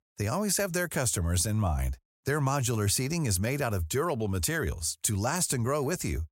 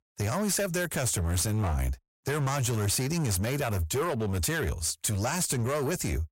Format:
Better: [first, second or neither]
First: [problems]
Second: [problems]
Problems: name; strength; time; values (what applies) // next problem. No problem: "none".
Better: first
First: none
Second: distortion; slight; 20% of the sound clipped